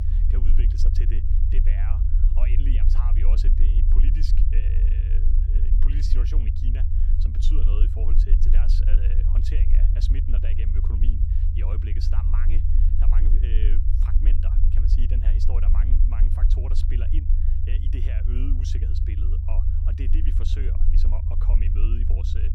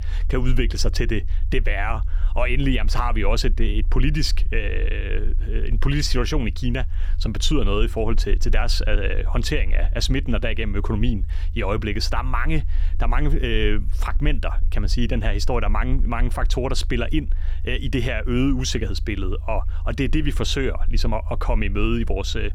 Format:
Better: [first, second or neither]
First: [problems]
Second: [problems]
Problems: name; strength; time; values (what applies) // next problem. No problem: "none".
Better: second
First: low rumble; loud; throughout; as loud as the speech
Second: low rumble; faint; throughout; 20 dB below the speech